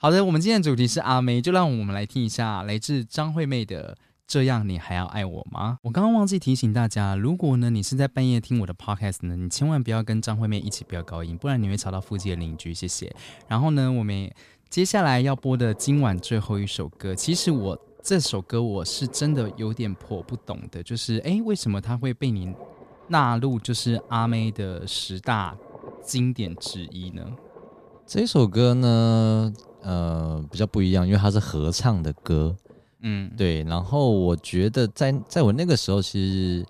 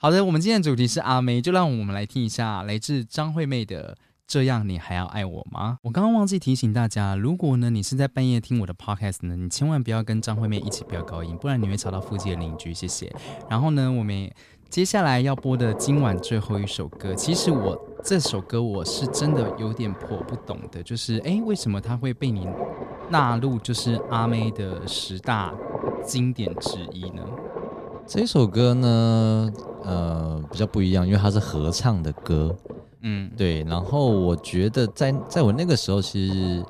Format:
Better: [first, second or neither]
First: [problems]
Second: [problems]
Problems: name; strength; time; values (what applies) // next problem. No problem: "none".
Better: first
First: low rumble; faint; from 10 s on; 20 dB below the speech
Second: low rumble; loud; from 10 s on; 9 dB below the speech